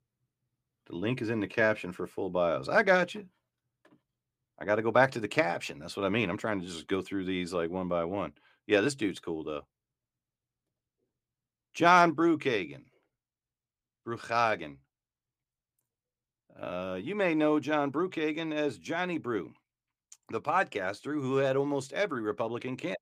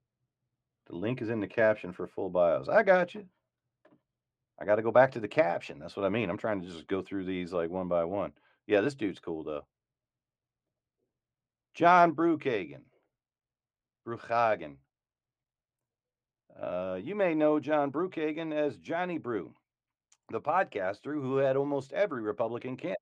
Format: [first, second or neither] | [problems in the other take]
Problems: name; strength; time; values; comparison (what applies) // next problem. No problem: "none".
first | muffled; slightly; fading above 2.5 kHz